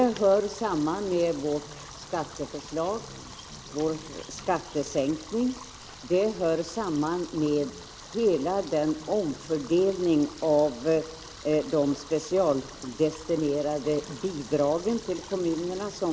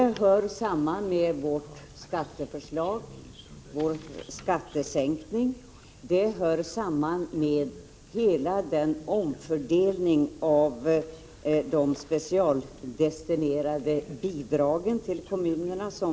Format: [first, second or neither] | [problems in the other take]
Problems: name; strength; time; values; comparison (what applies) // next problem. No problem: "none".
second | background sound (Stream); 18 dB below the speech